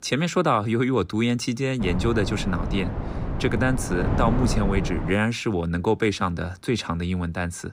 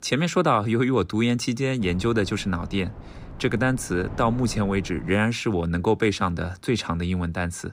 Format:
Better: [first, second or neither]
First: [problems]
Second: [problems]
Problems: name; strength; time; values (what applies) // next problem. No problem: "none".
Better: second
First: wind noise on the microphone; heavy; from 2 to 5 s; 8 dB below the speech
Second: wind noise on the microphone; occasional gusts; from 2 to 5 s; 20 dB below the speech